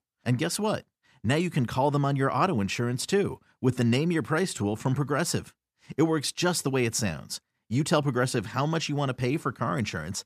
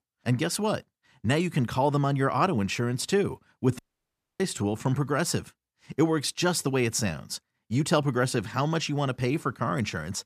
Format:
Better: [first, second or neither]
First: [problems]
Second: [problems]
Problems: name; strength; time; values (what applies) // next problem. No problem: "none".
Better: first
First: none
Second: audio cutting out; at 4 s for 0.5 s